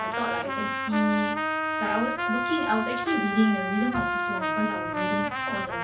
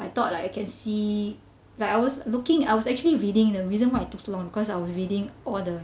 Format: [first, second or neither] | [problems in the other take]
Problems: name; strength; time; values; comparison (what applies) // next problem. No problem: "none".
second | background sound (Trumpet); as loud as the speech // room echo; dies away in 0.2 s